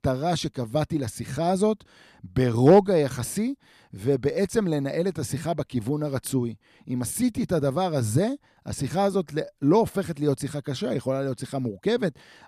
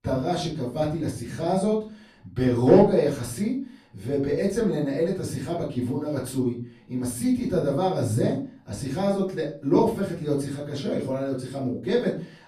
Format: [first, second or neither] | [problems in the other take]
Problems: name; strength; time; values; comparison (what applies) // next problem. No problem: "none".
first | off-mic speech; far // room echo; slight; dies away in 0.4 s